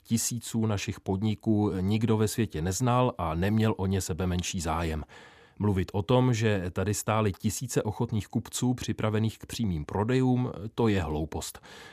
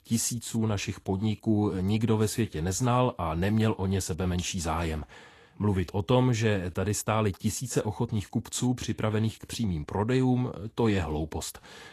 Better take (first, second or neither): first